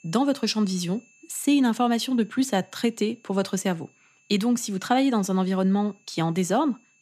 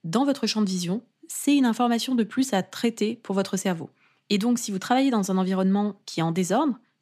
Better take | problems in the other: second | high-pitched whine; faint; throughout; 2.5 kHz, 35 dB below the speech

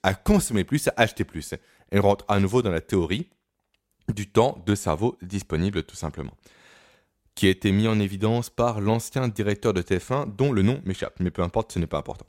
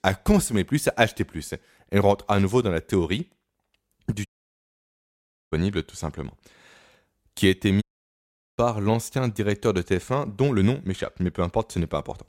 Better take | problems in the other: first | audio cutting out; at 4.5 s for 1.5 s and at 8 s for 1 s

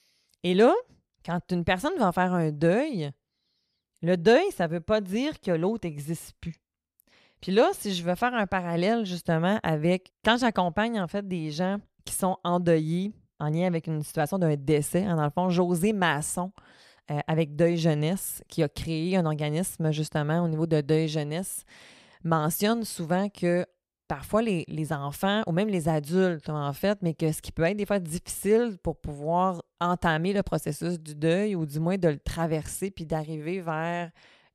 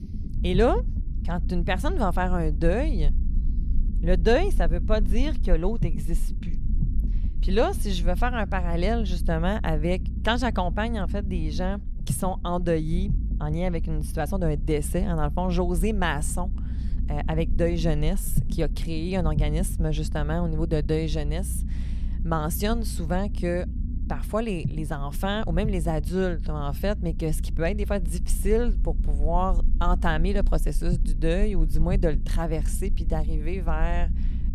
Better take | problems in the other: first | low rumble; noticeable; throughout; 15 dB below the speech

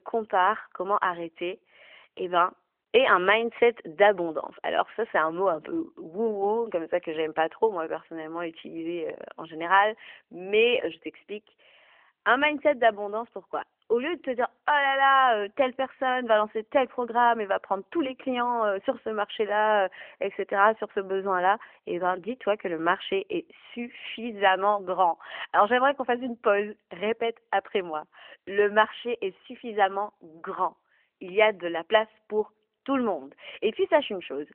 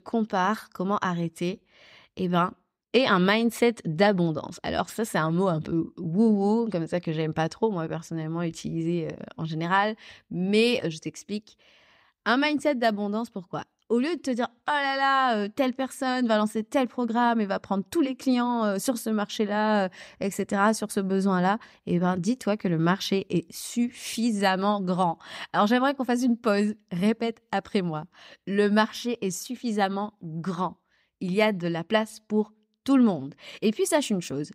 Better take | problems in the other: second | phone-call audio; nothing above 3 kHz

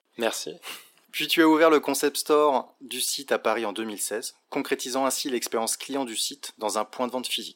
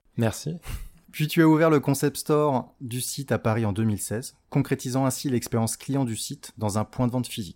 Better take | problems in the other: second | thin; somewhat; fading below 300 Hz

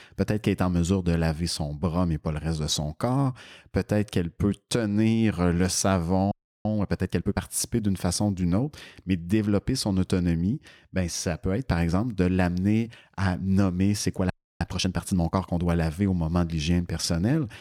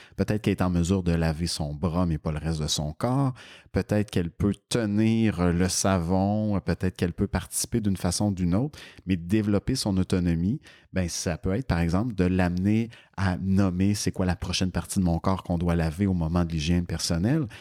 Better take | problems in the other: second | audio freezing; at 6.5 s and at 14 s

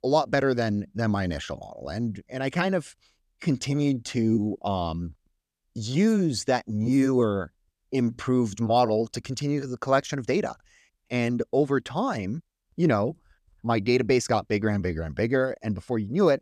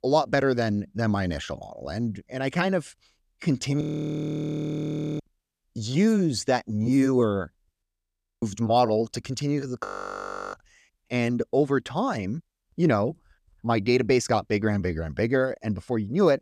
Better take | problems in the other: first | audio freezing; at 4 s for 1.5 s, at 8 s for 0.5 s and at 10 s for 0.5 s

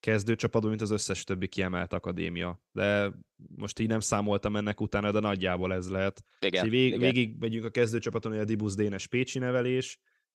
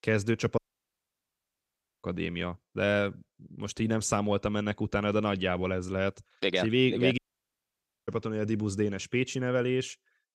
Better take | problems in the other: first | audio cutting out; at 0.5 s for 1.5 s and at 7 s for 1 s

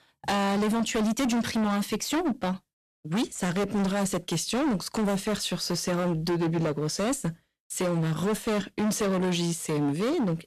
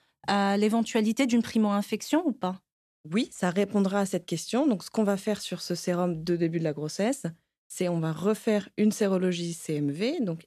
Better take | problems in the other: second | distortion; heavy; 26% of the sound clipped

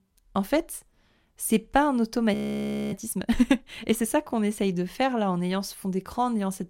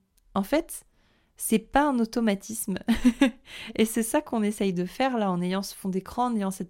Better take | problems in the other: second | audio freezing; at 2.5 s for 0.5 s

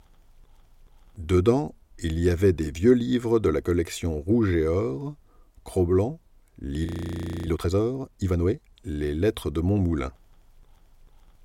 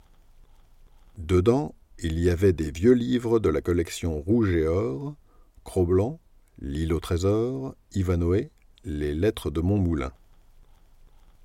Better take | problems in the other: second | audio freezing; at 7 s for 0.5 s

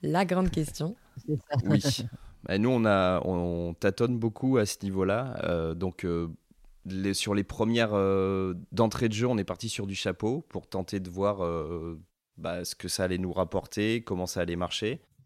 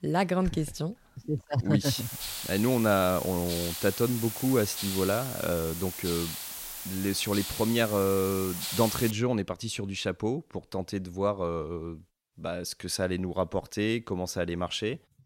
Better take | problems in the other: first | hiss; loud; from 2 to 9 s; 5 dB below the speech

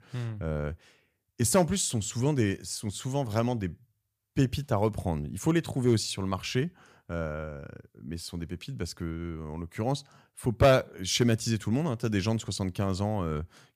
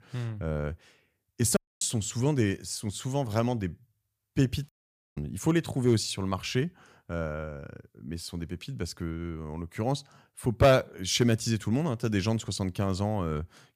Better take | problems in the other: first | audio cutting out; at 1.5 s and at 4.5 s

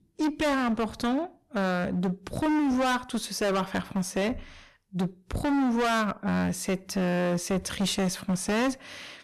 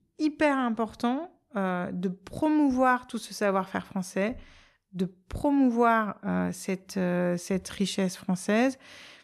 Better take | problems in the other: second | distortion; heavy; 21% of the sound clipped

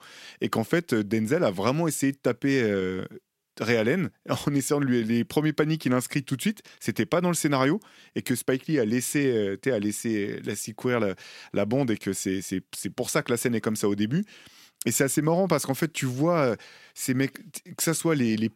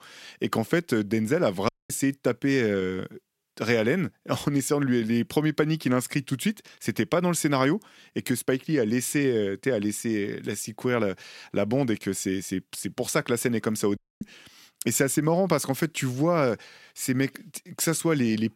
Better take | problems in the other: first | audio cutting out; at 1.5 s and at 14 s

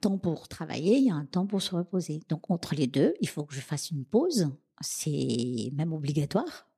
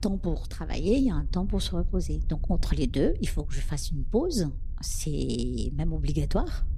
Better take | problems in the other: first | low rumble; faint; throughout; 20 dB below the speech

